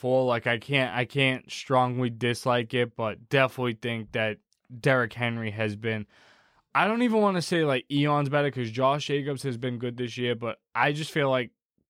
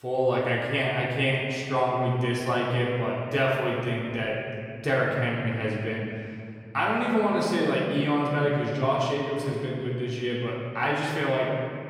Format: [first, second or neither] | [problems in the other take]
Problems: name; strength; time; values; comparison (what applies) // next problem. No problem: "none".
first | room echo; noticeable; dies away in 2.2 s // off-mic speech; far